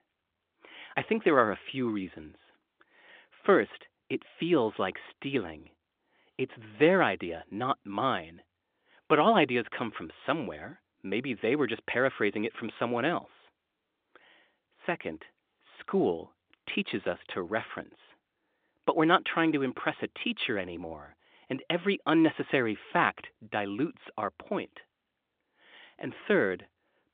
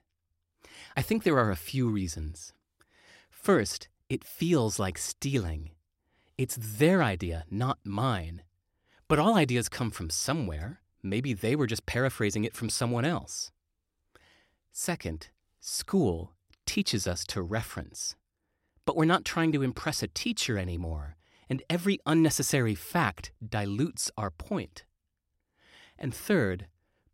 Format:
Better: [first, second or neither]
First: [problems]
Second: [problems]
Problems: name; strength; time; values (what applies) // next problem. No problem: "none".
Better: second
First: phone-call audio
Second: none